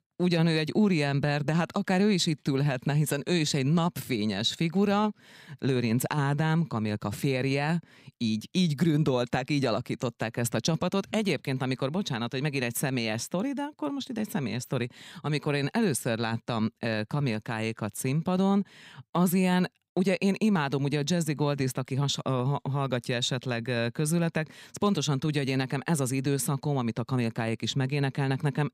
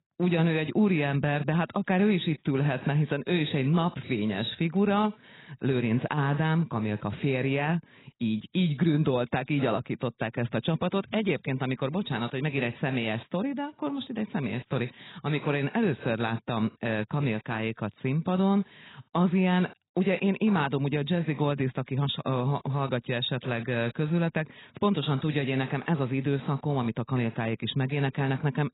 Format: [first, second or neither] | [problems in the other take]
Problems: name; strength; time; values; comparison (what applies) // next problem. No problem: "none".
first | garbled, watery; badly; nothing above 4 kHz